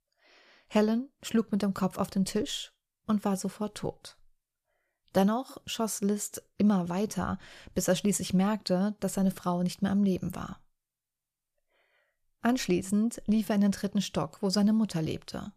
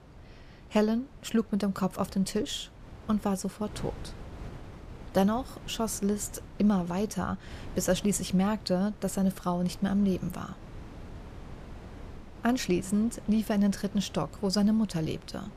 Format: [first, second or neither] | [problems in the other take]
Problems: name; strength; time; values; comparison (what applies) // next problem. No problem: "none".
first | wind noise on the microphone; occasional gusts; 20 dB below the speech